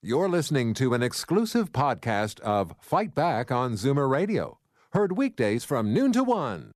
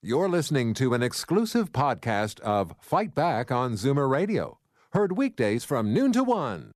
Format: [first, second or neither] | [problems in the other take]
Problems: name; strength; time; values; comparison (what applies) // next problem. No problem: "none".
neither | none